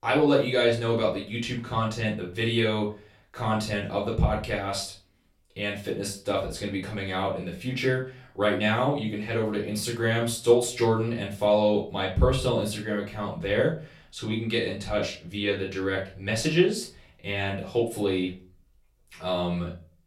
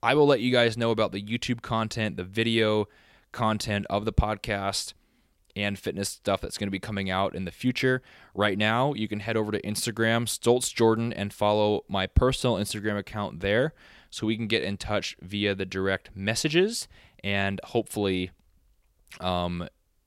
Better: second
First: off-mic speech; far // room echo; slight; dies away in 0.3 s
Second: none

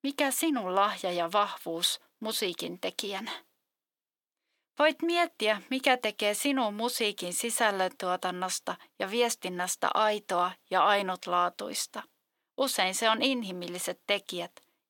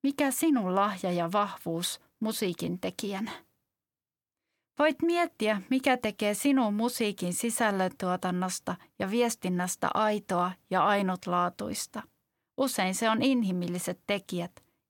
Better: second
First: thin; somewhat; fading below 350 Hz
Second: none

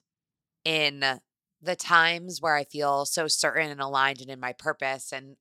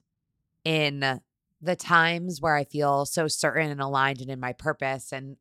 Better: second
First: thin; somewhat; fading below 500 Hz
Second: none

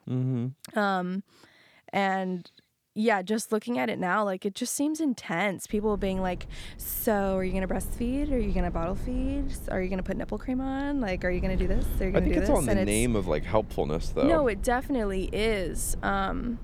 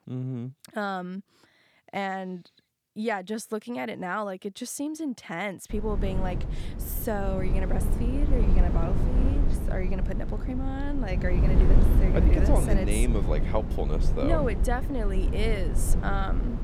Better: first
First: wind noise on the microphone; occasional gusts; from 5.5 s on; 20 dB below the speech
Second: wind noise on the microphone; heavy; from 5.5 s on; 6 dB below the speech

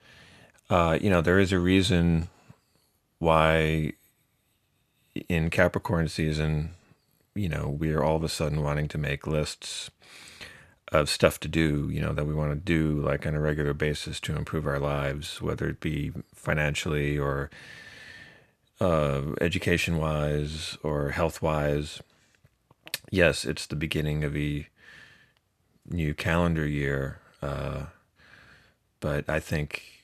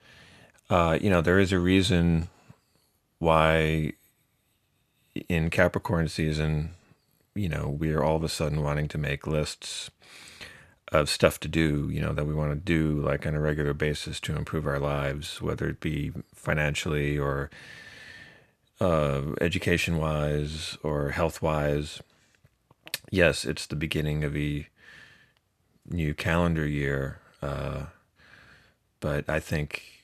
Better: neither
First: none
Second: none

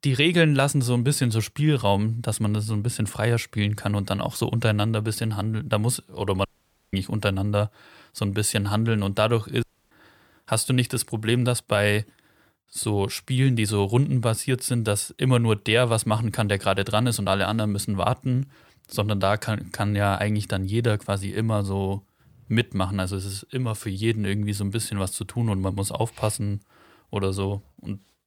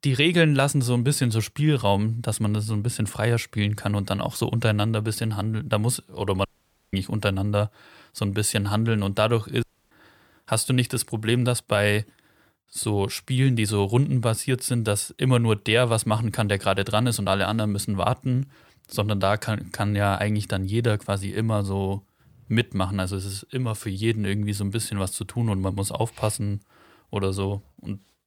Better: neither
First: audio cutting out; at 6.5 s and at 9.5 s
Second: audio cutting out; at 6.5 s and at 9.5 s

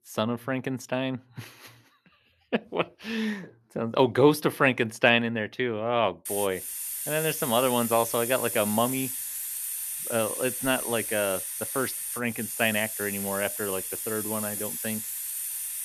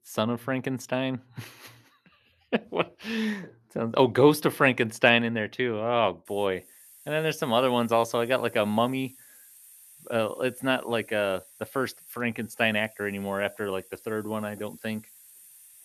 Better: second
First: hiss; loud; from 6.5 s on; 4 dB below the speech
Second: hiss; faint; from 6.5 s on; 25 dB below the speech

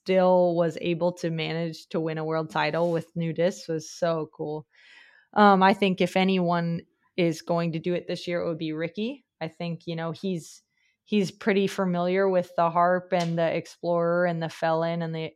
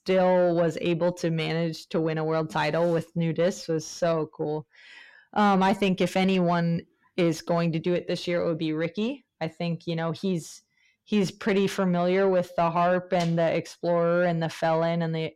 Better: first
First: none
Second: distortion; slight; 10 dB below the speech

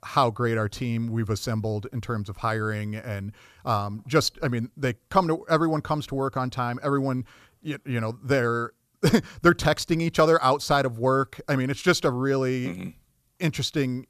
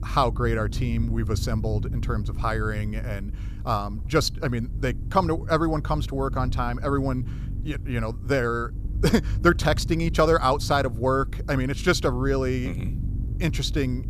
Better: first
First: none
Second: low rumble; noticeable; throughout; 20 dB below the speech

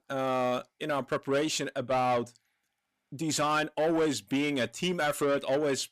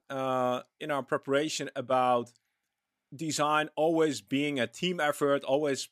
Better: second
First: distortion; slight; 10 dB below the speech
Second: none

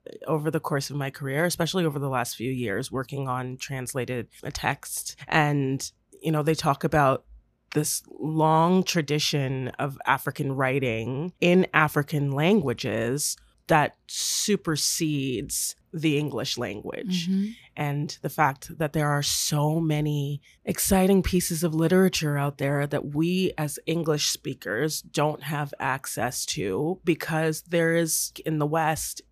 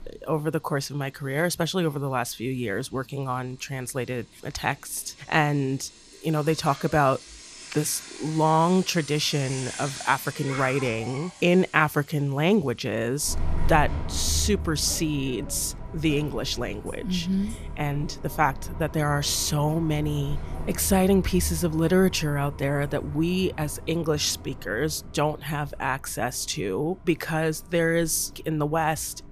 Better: first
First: none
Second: traffic noise; noticeable; throughout; 10 dB below the speech

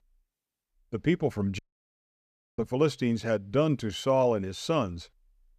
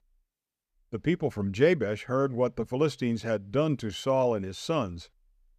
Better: second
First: audio cutting out; at 1.5 s for 1 s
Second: none

